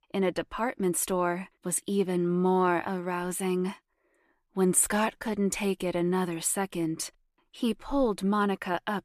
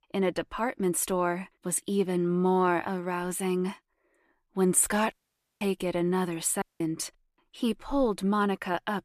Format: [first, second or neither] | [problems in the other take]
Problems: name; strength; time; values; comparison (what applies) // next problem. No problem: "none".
first | audio cutting out; at 5 s and at 6.5 s